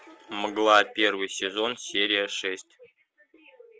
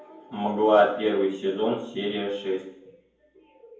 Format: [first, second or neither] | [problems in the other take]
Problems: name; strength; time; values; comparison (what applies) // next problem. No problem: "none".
first | room echo; dies away in 0.9 s